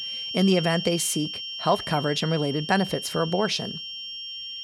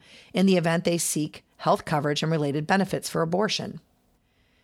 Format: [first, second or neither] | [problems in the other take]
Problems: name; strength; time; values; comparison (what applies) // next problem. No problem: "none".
second | high-pitched whine; loud; throughout; 3 kHz, 7 dB below the speech